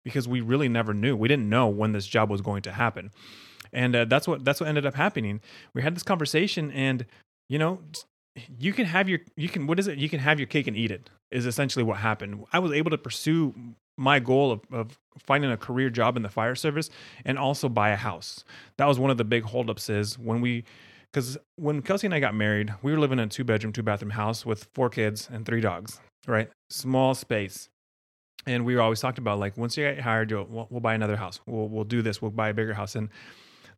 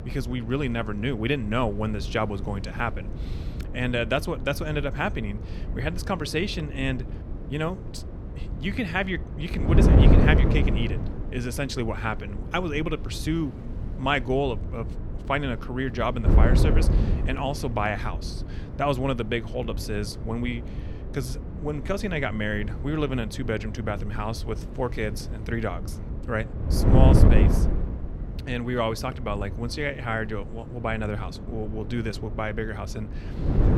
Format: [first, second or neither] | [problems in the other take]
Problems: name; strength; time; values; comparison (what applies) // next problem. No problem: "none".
first | wind noise on the microphone; heavy; 8 dB below the speech